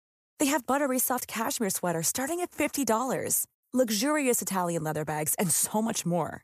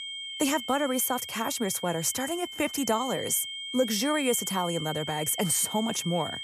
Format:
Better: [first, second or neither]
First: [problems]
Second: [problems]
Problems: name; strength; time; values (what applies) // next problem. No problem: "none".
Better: first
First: none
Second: high-pitched whine; loud; throughout; 3 kHz, 8 dB below the speech